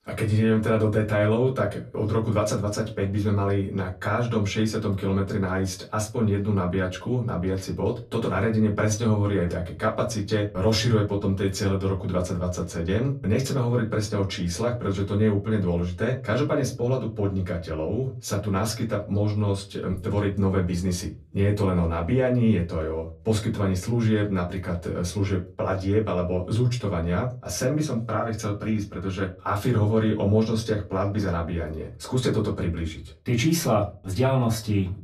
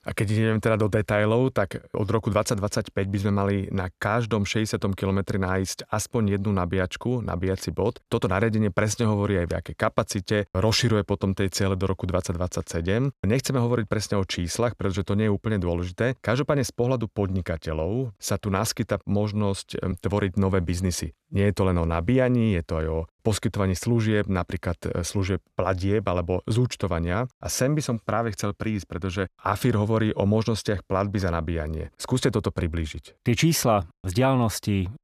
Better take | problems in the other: second | off-mic speech; far // room echo; very slight; dies away in 0.2 s

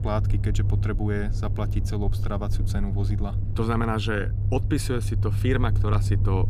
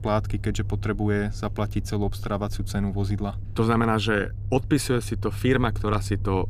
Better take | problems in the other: second | low rumble; loud; throughout; 10 dB below the speech; faint in the second

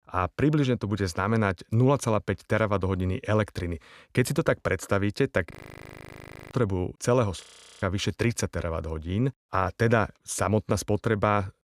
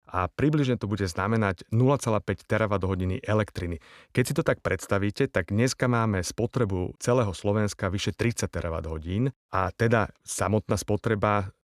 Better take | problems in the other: second | audio freezing; at 5.5 s for 1 s and at 7.5 s

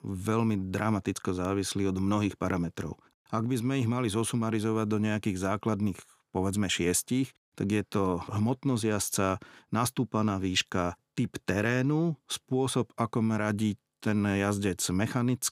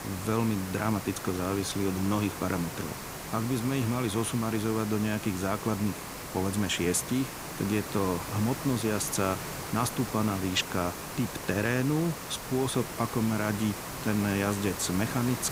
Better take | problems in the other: first | hiss; loud; throughout; 7 dB below the speech

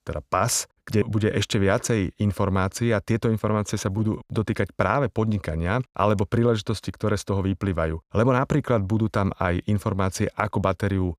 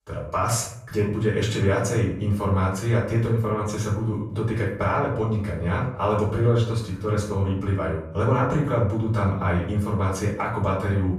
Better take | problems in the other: first | off-mic speech; far // room echo; noticeable; dies away in 0.6 s

